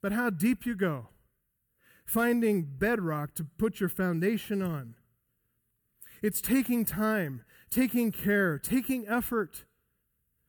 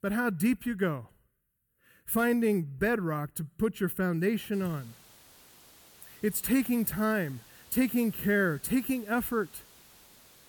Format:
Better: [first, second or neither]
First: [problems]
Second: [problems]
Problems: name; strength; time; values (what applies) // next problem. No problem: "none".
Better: first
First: none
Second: hiss; faint; from 4.5 s on; 25 dB below the speech